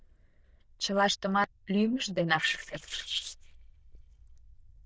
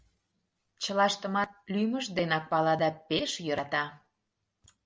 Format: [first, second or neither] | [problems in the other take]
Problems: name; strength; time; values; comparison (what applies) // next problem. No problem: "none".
second | noise reduction (neural diffusion model UNIVERSE++)